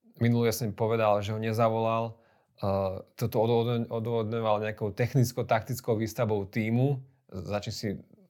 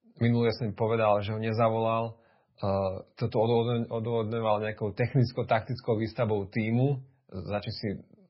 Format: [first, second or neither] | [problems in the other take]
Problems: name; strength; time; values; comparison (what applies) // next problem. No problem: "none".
first | garbled, watery; badly; nothing above 5.5 kHz